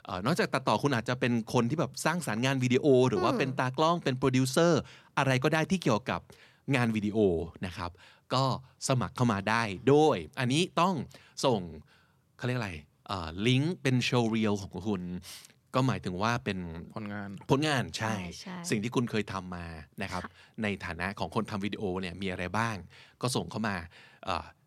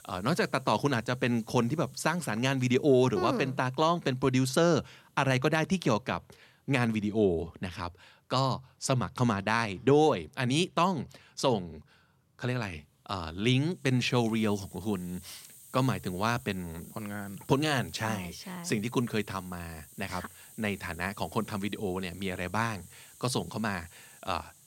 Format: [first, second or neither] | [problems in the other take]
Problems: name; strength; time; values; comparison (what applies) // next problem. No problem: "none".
first | hiss; faint; throughout; 20 dB below the speech